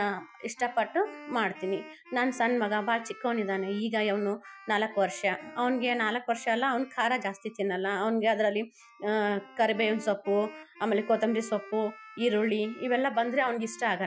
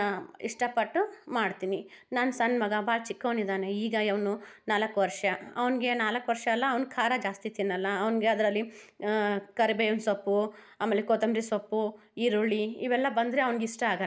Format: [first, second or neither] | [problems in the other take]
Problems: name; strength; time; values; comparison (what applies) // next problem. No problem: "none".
second | noise reduction (classical method Wiener filter)